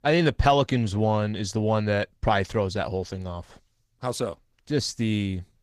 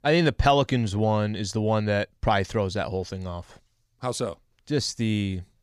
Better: second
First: garbled, watery; slightly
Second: none

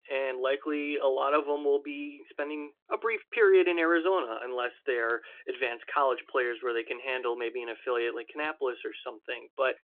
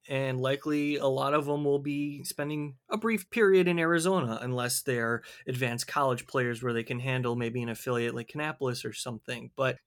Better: second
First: phone-call audio; nothing above 3.5 kHz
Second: none

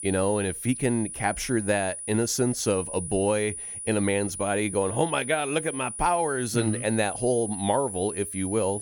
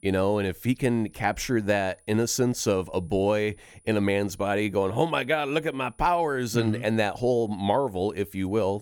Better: second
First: high-pitched whine; loud; throughout; 9.5 kHz, 7 dB below the speech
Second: high-pitched whine; faint; throughout; 9.5 kHz, 35 dB below the speech

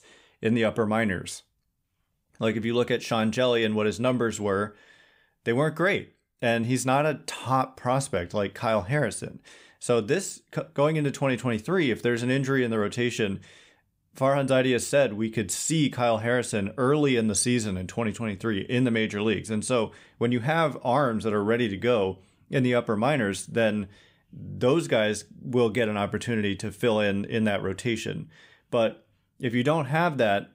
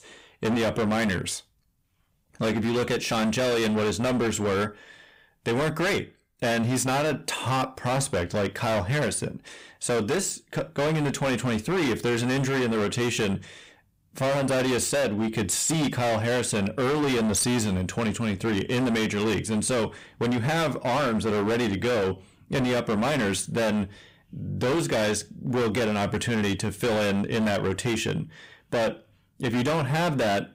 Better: first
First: none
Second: distortion; heavy; 27% of the sound clipped

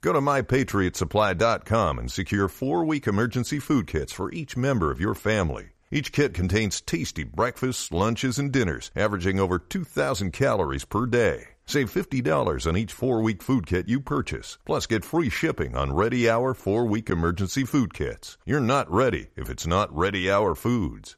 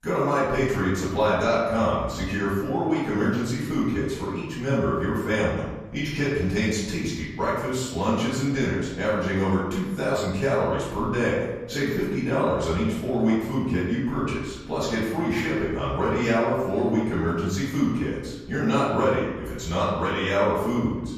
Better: first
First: none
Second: off-mic speech; far // room echo; noticeable; dies away in 1 s

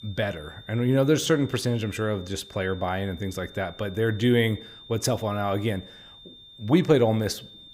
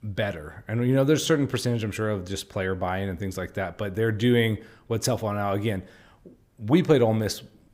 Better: second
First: high-pitched whine; noticeable; throughout; 3.5 kHz, 20 dB below the speech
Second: none

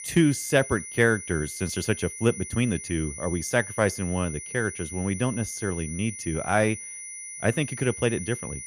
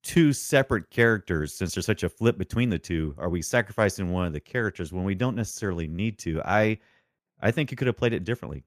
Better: second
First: high-pitched whine; loud; throughout; 9.5 kHz, 9 dB below the speech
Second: none

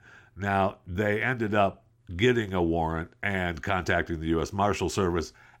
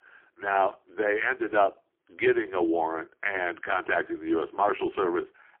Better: first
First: none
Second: phone-call audio; poor line; nothing above 3 kHz

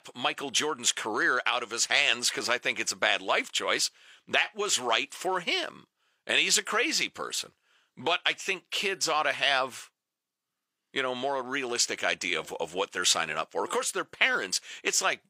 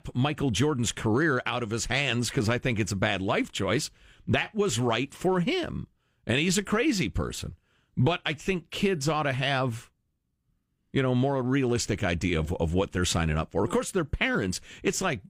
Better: second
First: thin; very; fading below 650 Hz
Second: none

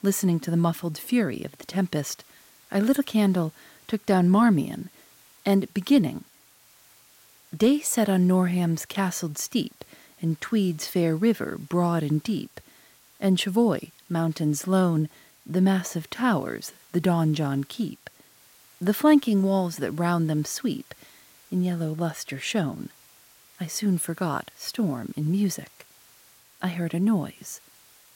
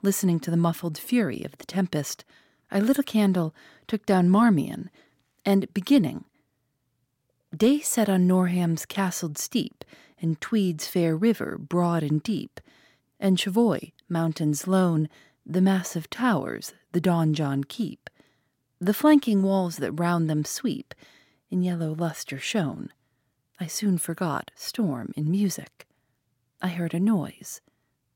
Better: second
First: hiss; faint; throughout; 30 dB below the speech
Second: none

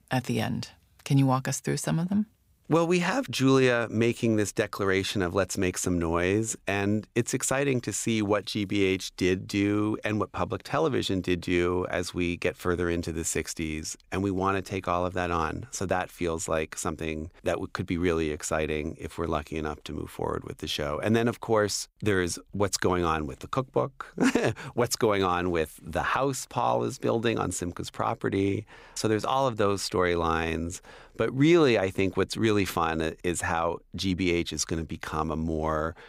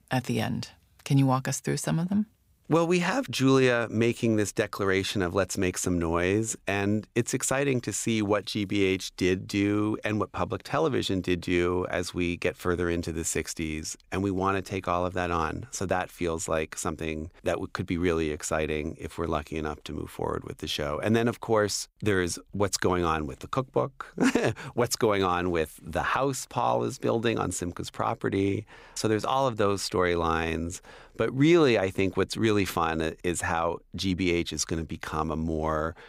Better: neither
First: none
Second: none

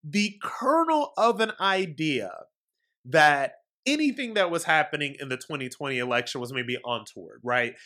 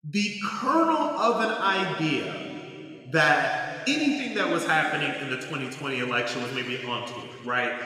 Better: first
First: none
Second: room echo; noticeable; dies away in 2.5 s // off-mic speech; somewhat distant

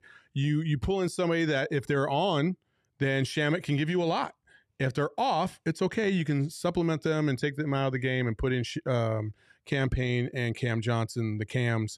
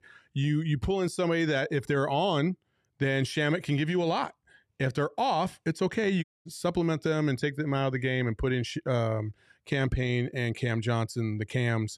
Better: first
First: none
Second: audio cutting out; at 6 s

